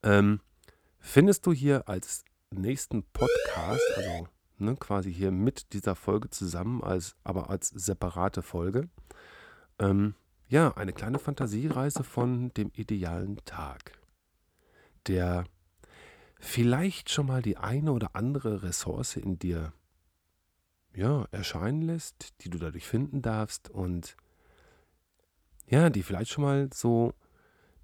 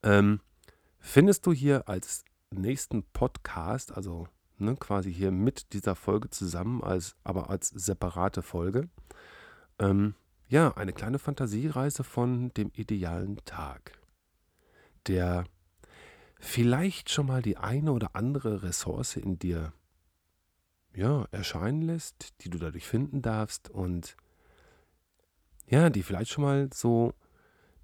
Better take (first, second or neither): second